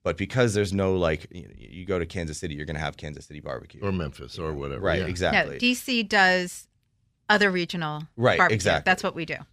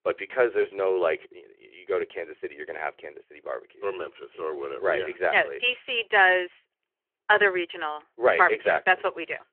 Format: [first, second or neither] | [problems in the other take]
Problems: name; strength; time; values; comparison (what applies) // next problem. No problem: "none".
first | phone-call audio; nothing above 3 kHz